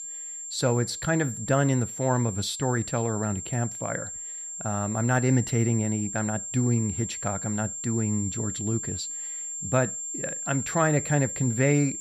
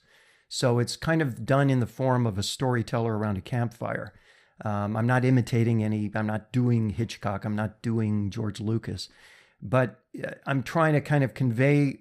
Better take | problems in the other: second | high-pitched whine; loud; throughout; 7.5 kHz, 6 dB below the speech

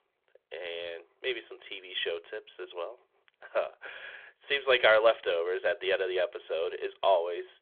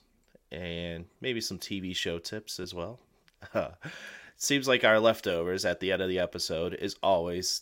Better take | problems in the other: second | phone-call audio; nothing above 3.5 kHz

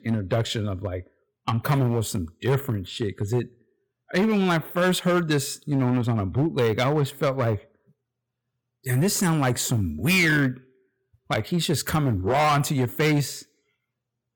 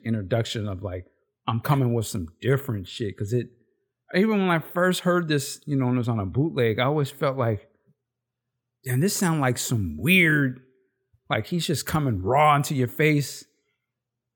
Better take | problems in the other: second | distortion; slight; 7% of the sound clipped

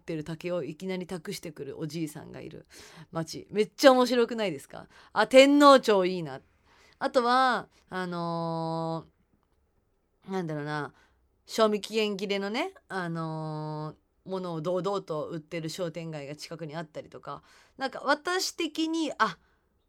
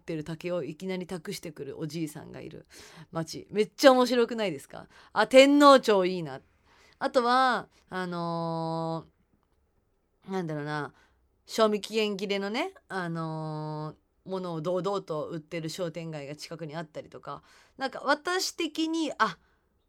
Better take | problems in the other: neither | none

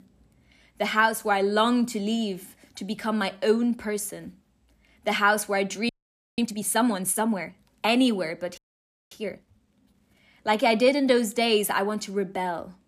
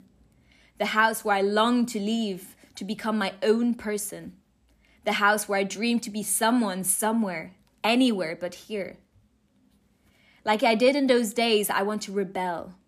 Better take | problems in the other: second | audio freezing; at 6 s and at 8.5 s for 0.5 s

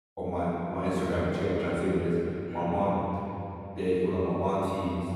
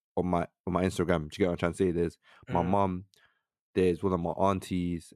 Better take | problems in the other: second | off-mic speech; far // room echo; strong; dies away in 2.8 s

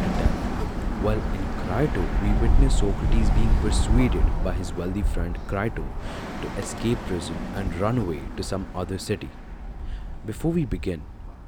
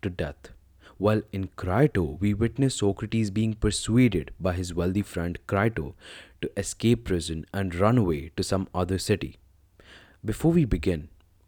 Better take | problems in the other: second | animal sounds; very loud; throughout; as loud as the speech

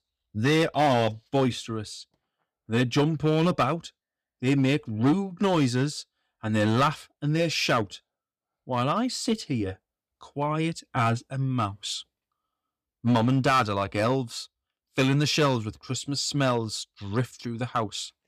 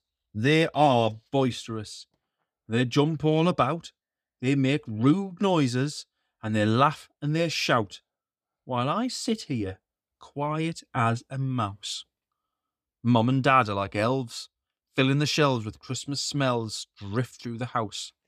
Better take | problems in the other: second | distortion; slight; 3% of the sound clipped

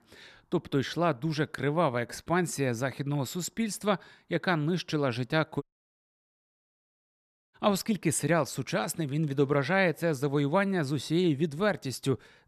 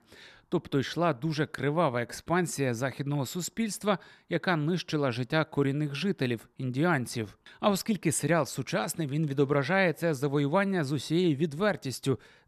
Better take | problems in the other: second | audio cutting out; at 5.5 s for 2 s

